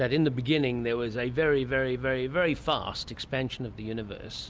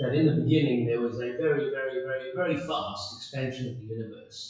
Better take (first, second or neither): first